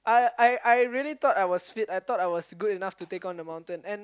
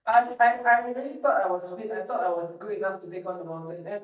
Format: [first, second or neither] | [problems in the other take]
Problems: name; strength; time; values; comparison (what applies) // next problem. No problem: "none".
first | noise reduction (neural mask model DeepFilterNet 3)